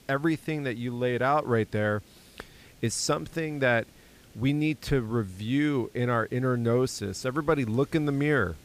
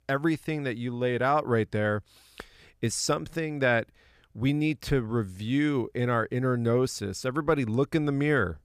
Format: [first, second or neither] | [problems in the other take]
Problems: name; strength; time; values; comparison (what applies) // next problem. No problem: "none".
second | hiss; faint; throughout; 25 dB below the speech